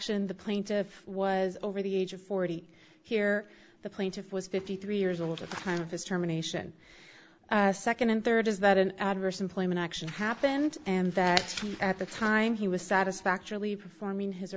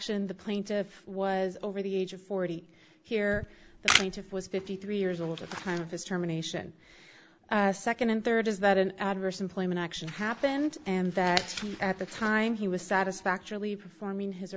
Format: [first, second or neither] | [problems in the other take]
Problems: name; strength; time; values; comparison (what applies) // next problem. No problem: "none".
first | background sound (Camera); 1 dB above the speech